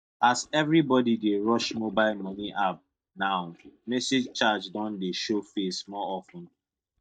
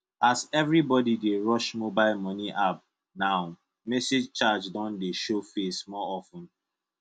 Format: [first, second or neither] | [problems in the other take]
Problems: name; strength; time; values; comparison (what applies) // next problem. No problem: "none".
second | noise reduction (neural mask model DeepFilterNet 3)